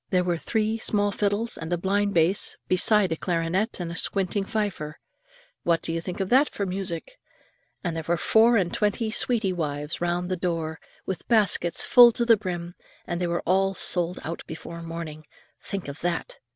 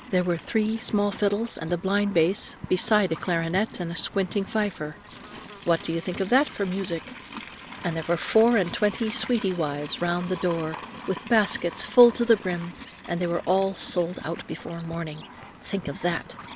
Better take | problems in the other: first | background sound (Livestock, farm animals, working animals); 16 dB below the speech

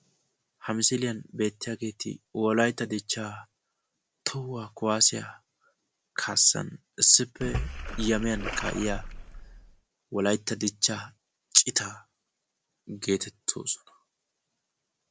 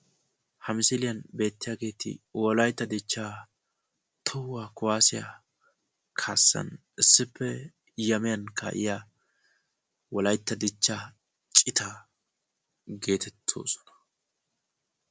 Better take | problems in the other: second | background sound (Splash, splatter); 5 dB below the speech

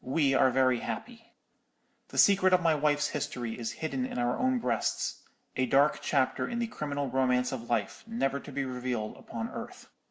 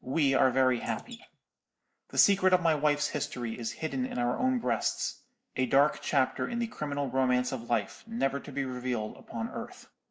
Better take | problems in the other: first | noise reduction (neural mask model Resemble Enhance denoiser)

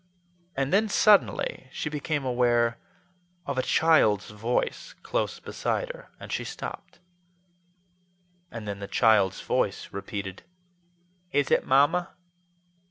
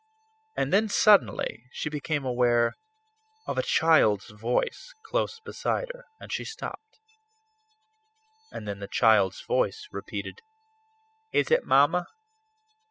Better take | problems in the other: first | noise reduction (classical method spectral subtraction)

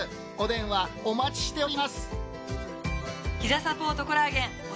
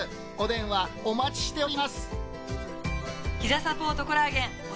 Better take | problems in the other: first | background sound (Thunder); 14 dB below the speech

